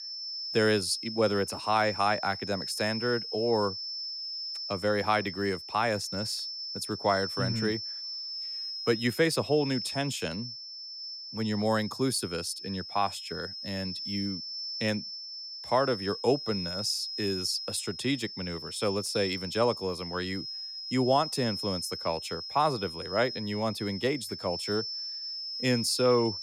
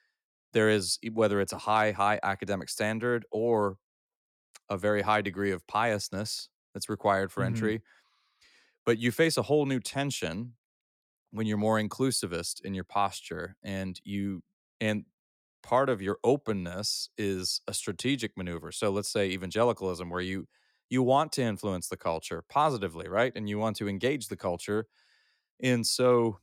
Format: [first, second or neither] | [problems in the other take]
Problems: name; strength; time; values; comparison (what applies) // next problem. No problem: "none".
second | high-pitched whine; loud; throughout; 5.5 kHz, 6 dB below the speech